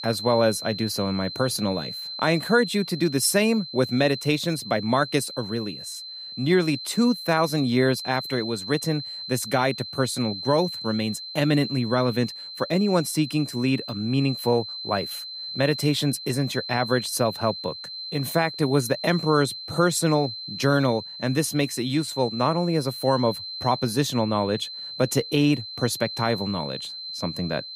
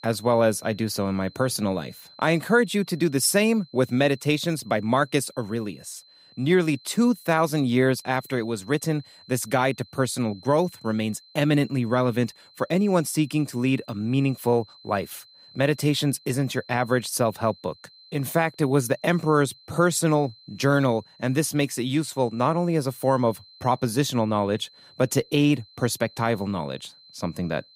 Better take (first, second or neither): second